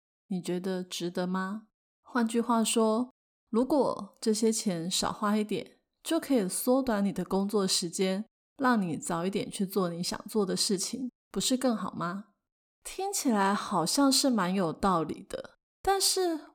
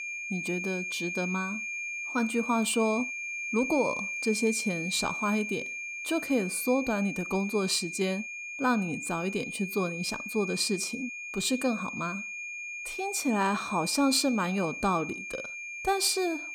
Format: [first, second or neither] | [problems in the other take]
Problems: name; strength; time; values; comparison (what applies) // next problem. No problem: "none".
first | high-pitched whine; loud; throughout; 2.5 kHz, 5 dB below the speech